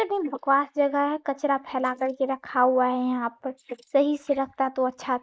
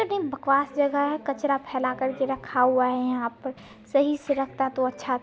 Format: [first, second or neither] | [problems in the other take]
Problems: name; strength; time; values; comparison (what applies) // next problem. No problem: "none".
second | noise reduction (neural mask model Resemble Enhance denoiser)